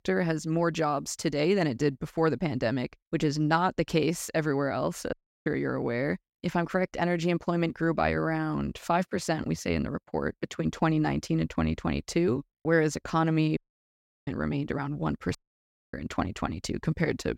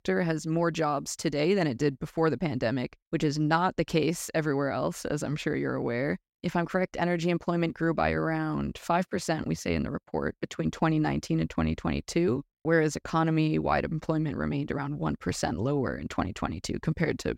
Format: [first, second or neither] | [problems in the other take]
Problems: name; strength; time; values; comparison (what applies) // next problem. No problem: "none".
second | audio cutting out; at 5 s, at 14 s for 0.5 s and at 15 s for 0.5 s